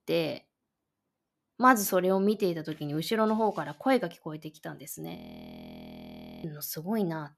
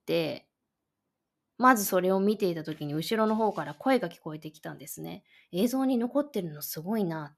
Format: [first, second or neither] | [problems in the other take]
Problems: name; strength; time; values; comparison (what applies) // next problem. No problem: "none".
second | audio freezing; at 5 s for 1.5 s